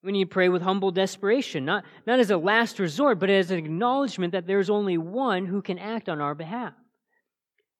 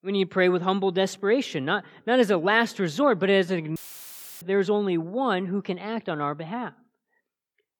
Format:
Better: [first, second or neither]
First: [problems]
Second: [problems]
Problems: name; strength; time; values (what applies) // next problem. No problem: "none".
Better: first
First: none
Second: audio cutting out; filled with static; at 4 s for 0.5 s